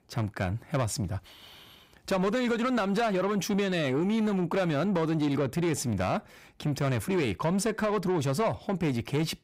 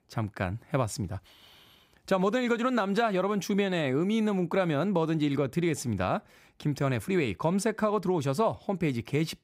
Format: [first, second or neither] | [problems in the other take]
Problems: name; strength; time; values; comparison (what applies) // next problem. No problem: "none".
second | distortion; slight; 10 dB below the speech